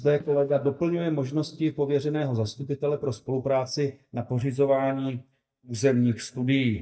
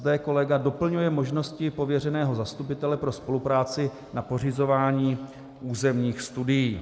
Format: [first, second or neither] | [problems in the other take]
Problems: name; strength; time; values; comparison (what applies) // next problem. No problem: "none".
second | noise reduction (neural mask model DeepFilterNet 3)